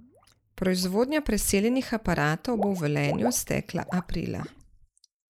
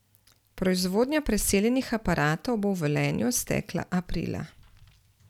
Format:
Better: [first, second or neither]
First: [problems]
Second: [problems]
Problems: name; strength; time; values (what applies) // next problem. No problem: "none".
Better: second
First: noise reduction (neural mask model Resemble Enhance denoiser)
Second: none